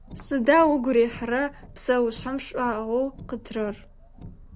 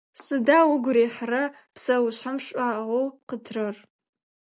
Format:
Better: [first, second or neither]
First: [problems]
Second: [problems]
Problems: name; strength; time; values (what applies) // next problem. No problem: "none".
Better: second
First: background sound (Car); 19 dB below the speech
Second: none